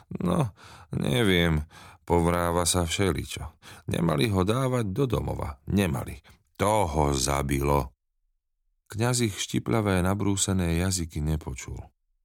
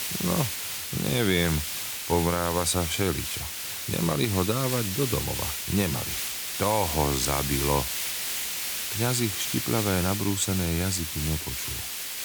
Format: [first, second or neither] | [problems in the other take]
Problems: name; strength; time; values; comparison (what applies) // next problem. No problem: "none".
first | hiss; loud; throughout; 2 dB below the speech